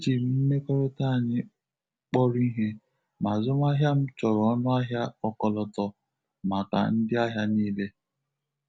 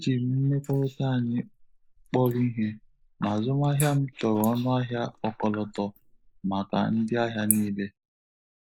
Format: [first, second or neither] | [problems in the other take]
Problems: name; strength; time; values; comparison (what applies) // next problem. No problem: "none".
first | noise reduction (neural mask model Resemble Enhance denoiser)